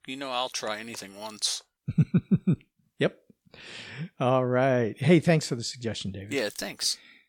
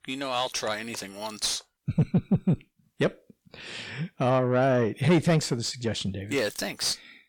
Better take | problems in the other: first | distortion; slight; 10 dB below the speech

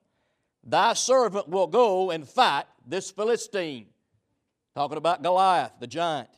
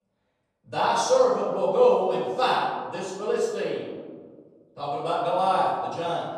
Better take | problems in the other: first | off-mic speech; far // room echo; noticeable; dies away in 1.5 s

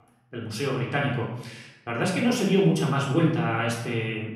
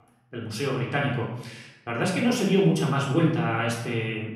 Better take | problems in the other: neither | off-mic speech; far; the same in both // room echo; noticeable; dies away in 0.7 s; the same in both

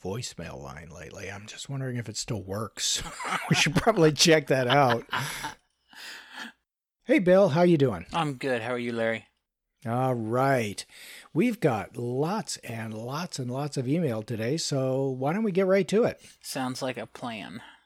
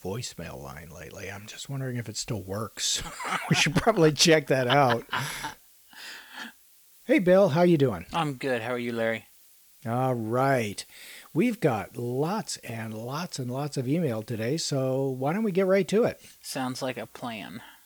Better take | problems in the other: first | hiss; faint; throughout; 25 dB below the speech

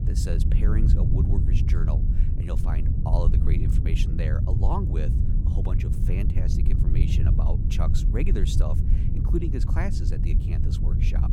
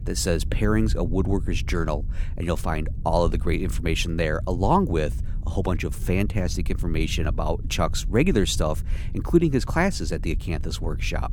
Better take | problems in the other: second | low rumble; loud; throughout; 1 dB below the speech; faint in the second

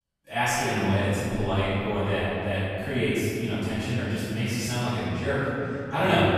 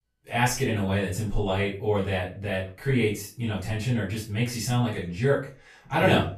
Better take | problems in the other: second | room echo; strong; dies away in 2.9 s; slight in the second // off-mic speech; far; far in the second

